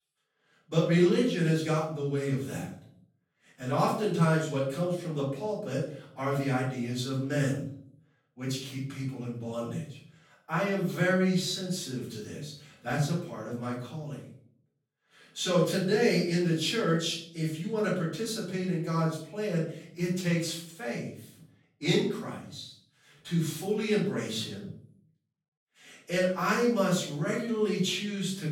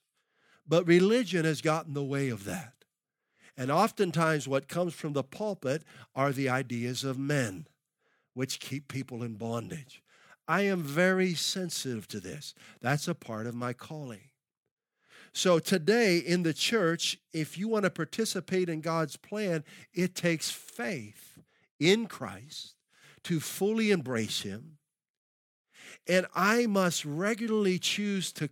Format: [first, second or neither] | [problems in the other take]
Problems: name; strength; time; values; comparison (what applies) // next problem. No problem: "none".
second | off-mic speech; far // room echo; noticeable; dies away in 0.5 s